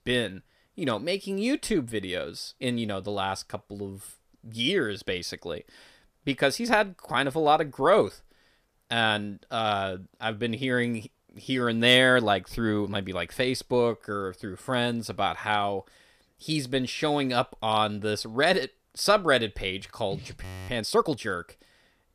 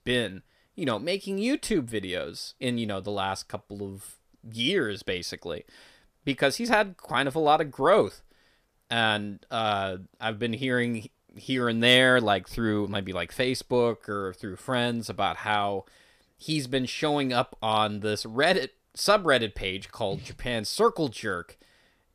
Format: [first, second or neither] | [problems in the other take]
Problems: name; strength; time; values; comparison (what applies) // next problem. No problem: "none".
second | audio freezing; at 20 s